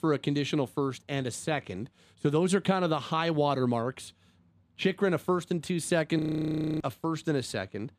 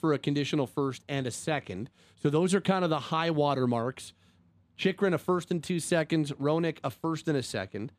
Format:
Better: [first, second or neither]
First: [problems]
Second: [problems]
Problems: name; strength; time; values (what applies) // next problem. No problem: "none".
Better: second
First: audio freezing; at 6 s for 0.5 s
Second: none